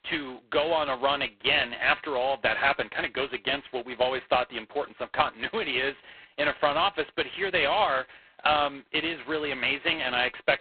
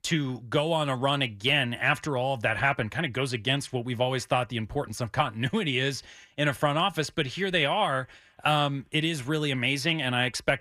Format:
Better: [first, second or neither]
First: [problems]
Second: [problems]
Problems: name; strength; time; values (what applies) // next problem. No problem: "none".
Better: second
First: phone-call audio; poor line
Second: none